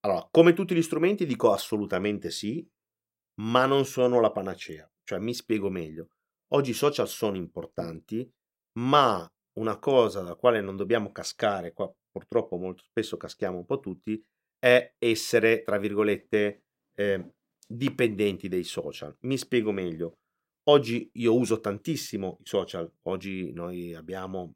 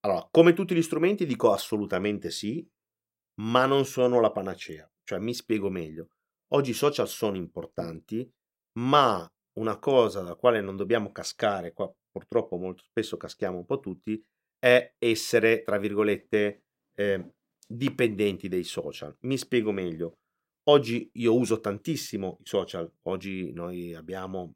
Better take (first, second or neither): neither